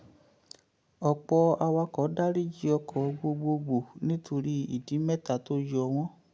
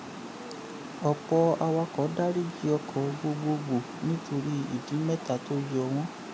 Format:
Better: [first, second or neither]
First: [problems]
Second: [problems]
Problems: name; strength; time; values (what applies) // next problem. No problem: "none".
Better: first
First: none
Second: background sound (Water); 11 dB below the speech